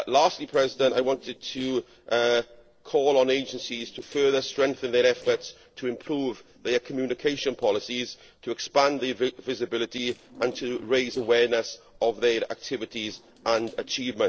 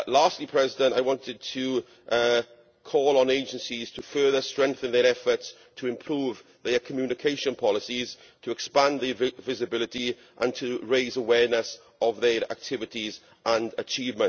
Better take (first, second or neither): second